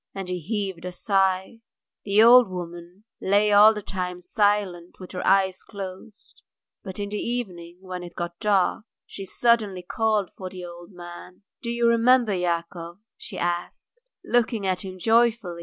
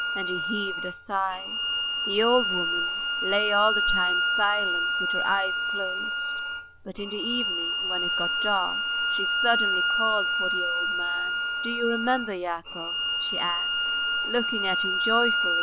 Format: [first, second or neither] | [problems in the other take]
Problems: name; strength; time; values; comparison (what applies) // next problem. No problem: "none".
first | background sound (Bowed string instrument); 4 dB above the speech